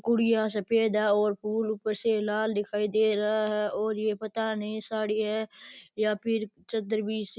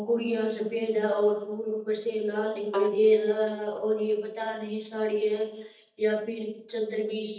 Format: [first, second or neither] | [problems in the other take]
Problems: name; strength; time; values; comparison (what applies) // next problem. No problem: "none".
first | noise reduction (neural mask model DeepFilterNet 3)